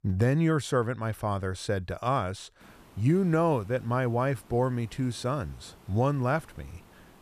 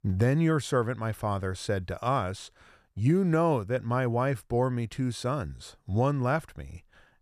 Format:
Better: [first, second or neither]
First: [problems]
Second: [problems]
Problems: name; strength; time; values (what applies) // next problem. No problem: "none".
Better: second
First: hiss; faint; from 2.5 s on; 25 dB below the speech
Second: none